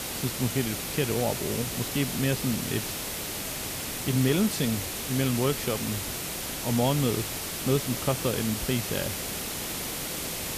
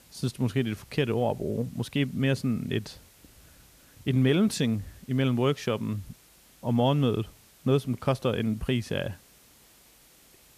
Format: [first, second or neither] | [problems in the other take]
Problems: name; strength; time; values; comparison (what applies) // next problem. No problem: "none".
second | hiss; loud; throughout; 2 dB below the speech; faint in the second